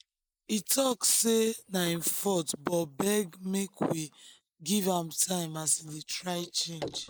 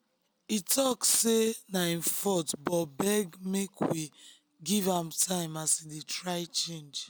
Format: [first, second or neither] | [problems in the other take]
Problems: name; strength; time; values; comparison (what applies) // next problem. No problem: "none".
second | noise reduction (neural mask model Resemble Enhance denoiser)